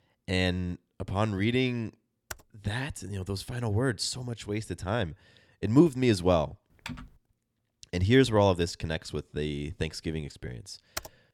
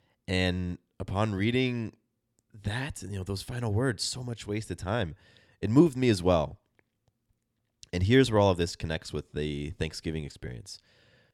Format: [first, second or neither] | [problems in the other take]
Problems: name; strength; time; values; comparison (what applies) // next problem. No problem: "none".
second | keyboard typing; very faint; at 2.5 s; peak 15 dB below the speech // keyboard typing; faint; at 7 s and at 11 s; peak 10 dB below the speech